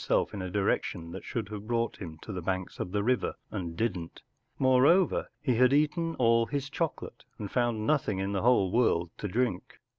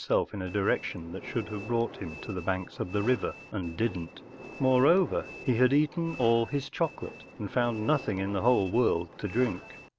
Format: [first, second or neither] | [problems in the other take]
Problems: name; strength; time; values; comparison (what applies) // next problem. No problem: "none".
first | background sound (Train); 16 dB below the speech